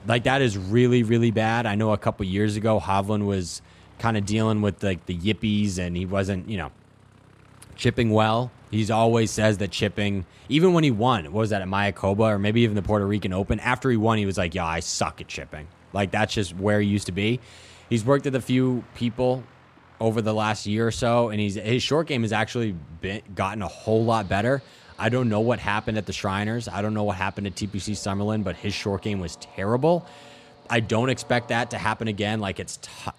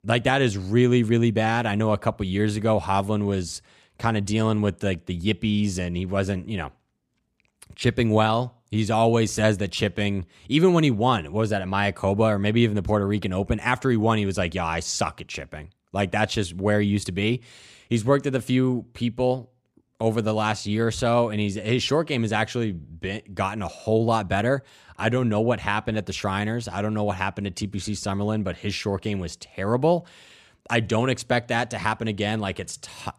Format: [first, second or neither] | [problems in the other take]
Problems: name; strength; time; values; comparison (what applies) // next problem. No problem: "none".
second | train or aircraft noise; faint; throughout; 25 dB below the speech